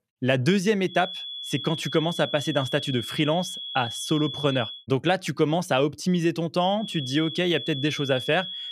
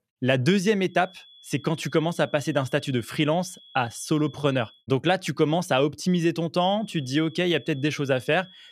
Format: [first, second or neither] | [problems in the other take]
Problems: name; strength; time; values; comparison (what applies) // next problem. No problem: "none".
second | high-pitched whine; loud; from 1 to 5 s and from 7 s on; 3.5 kHz, 8 dB below the speech; faint in the second